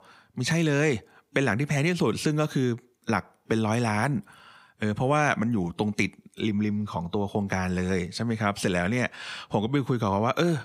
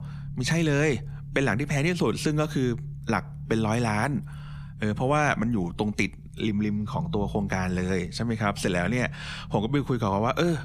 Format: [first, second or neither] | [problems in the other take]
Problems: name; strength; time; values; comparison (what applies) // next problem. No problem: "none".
first | low rumble; faint; throughout; 20 dB below the speech